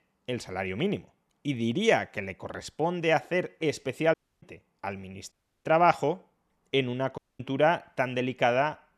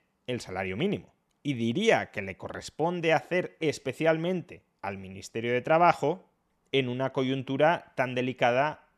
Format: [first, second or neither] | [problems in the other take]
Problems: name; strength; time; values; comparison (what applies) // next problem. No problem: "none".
second | audio cutting out; at 4 s, at 5.5 s and at 7 s